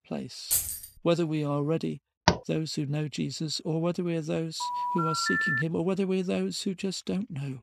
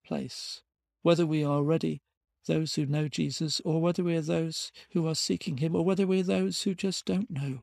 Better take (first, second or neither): second